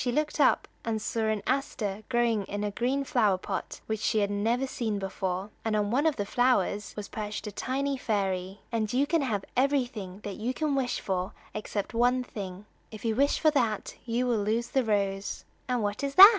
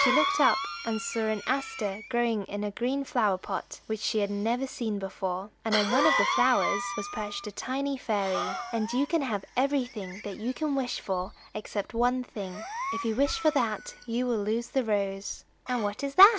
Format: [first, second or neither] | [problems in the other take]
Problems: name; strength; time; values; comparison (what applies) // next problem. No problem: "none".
first | background sound (Cough); 7 dB below the speech